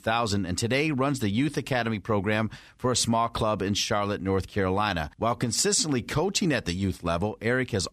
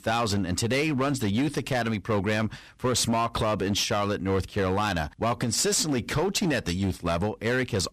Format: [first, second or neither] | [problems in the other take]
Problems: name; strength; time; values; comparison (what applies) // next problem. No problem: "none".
first | distortion; slight; 14% of the sound clipped